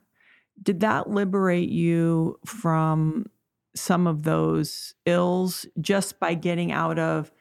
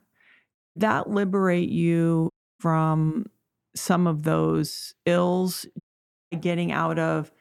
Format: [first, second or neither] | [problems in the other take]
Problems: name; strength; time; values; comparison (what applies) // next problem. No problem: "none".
first | audio cutting out; at 0.5 s, at 2.5 s and at 6 s for 0.5 s